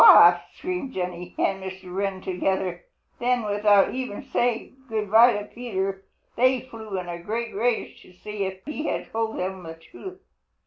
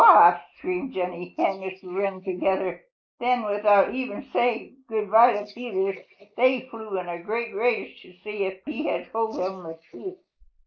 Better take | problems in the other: first | noise reduction (neural mask model Resemble Enhance denoiser)

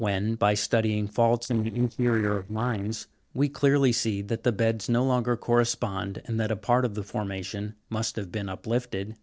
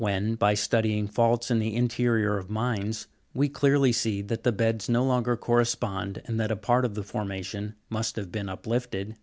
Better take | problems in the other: second | noise reduction (neural separator model SepFormer DNS4)

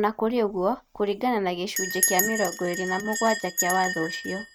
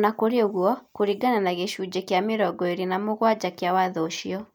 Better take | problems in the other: second | noise reduction (neural mask model RNNoise)

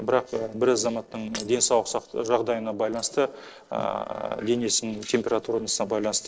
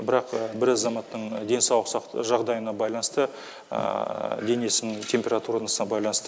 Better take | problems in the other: second | noise reduction (neural separator model SepFormer DNS4)

